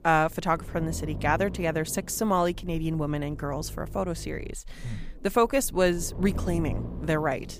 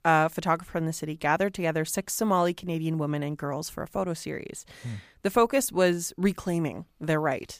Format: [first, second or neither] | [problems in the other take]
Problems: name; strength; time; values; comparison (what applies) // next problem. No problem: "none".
second | low rumble; noticeable; throughout; 20 dB below the speech